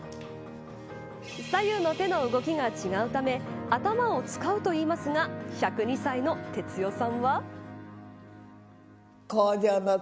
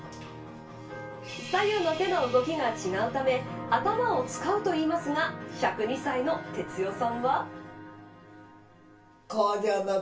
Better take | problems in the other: first | room echo; dies away in 0.3 s

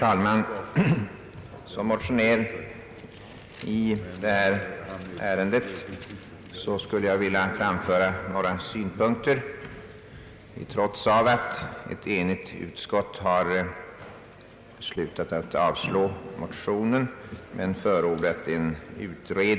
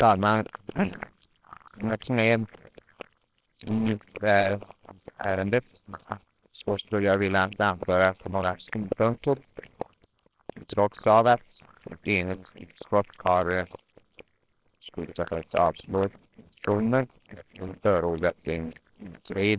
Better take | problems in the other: first | noise reduction (neural separator model SepFormer WHAMR!)

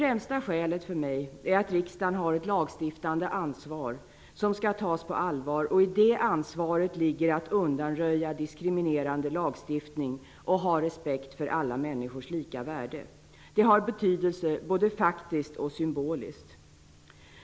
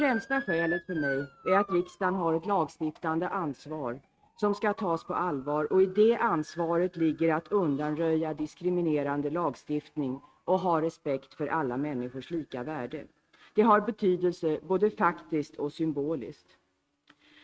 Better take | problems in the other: first | noise reduction (neural mask model RNNoise)

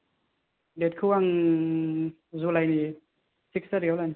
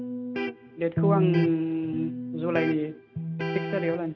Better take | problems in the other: first | background sound (Electric guitar); 1 dB below the speech

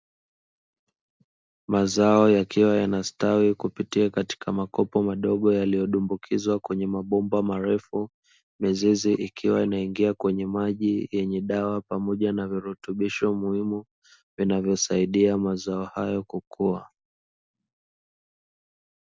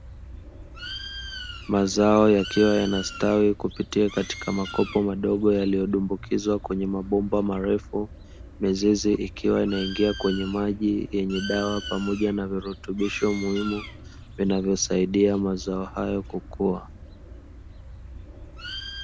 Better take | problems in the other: first | background sound (Bird); 14 dB below the speech

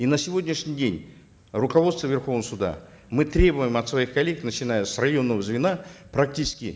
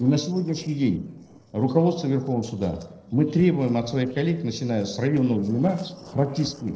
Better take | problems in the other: first | noise reduction (neural separator model SepFormer DNS4)

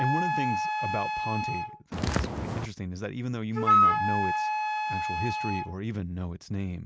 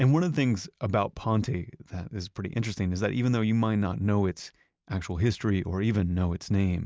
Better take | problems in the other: second | background sound (Wind instrument, woodwind instrument + Walk, footsteps); 5 dB above the speech

